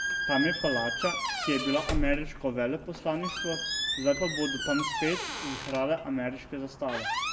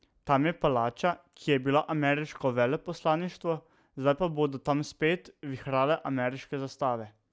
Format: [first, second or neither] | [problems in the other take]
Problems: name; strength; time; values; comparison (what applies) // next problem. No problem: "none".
second | background sound (Squeak); 2 dB below the speech // room echo; dies away in 1.1 s